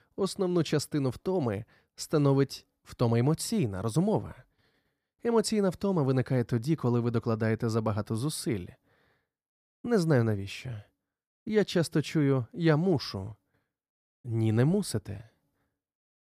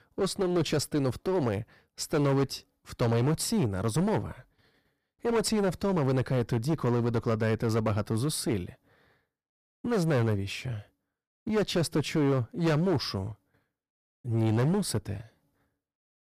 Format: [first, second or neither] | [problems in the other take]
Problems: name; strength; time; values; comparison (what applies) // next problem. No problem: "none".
first | distortion; heavy; 14% of the sound clipped